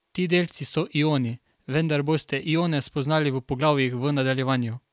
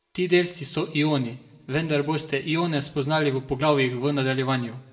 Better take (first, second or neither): first